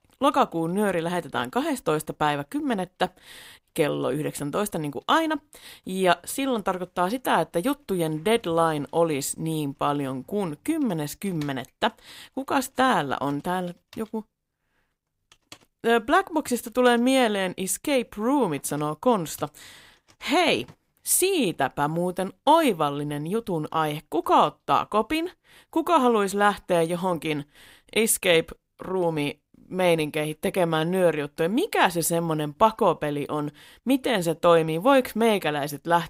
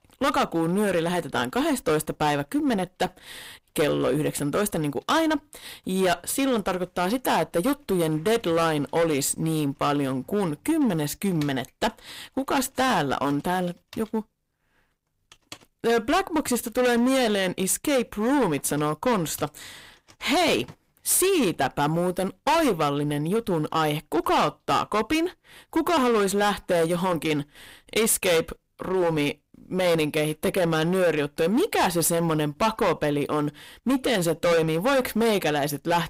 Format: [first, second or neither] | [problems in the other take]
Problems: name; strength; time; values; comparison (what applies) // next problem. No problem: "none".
first | distortion; heavy; 12% of the sound clipped